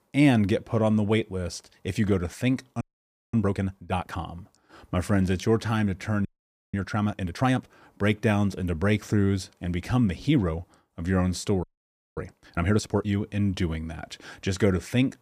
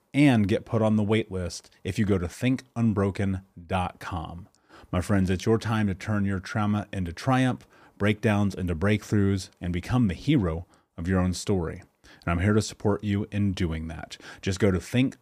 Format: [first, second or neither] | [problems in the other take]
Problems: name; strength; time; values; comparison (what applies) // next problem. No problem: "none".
second | audio freezing; at 3 s for 0.5 s, at 6.5 s and at 12 s for 0.5 s